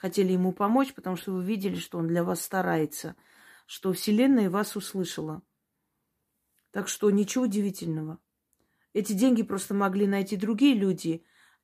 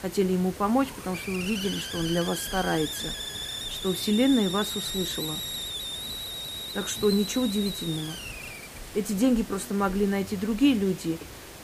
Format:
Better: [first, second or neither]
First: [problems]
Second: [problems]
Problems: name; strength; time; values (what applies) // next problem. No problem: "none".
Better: first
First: none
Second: hiss; loud; throughout; 7 dB below the speech